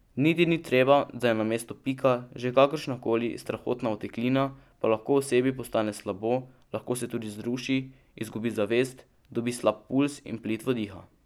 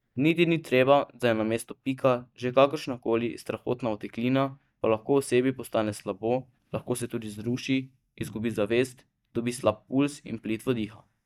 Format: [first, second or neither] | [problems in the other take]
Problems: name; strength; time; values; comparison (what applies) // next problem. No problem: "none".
first | noise reduction (neural mask model DeepFilterNet 3)